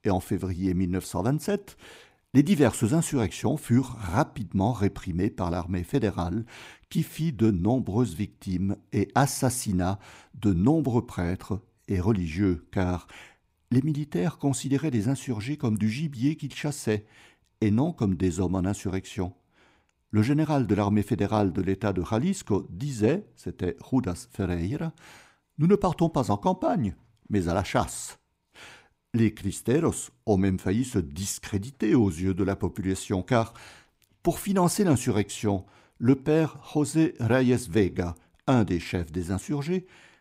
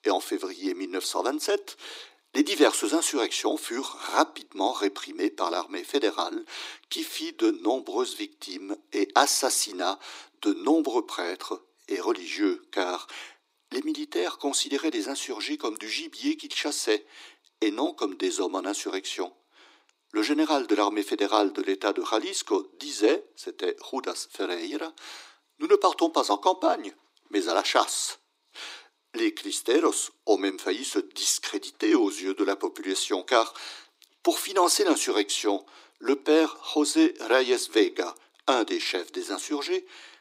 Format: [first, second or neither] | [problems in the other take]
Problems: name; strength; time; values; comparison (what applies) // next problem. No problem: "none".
first | thin; somewhat; fading below 300 Hz